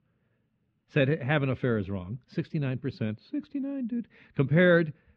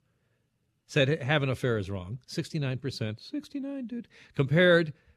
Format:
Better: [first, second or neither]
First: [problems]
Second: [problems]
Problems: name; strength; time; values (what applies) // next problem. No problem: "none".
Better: second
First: muffled; slightly; fading above 3 kHz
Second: none